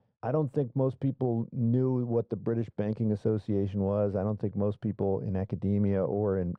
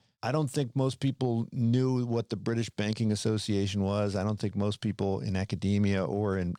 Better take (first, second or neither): second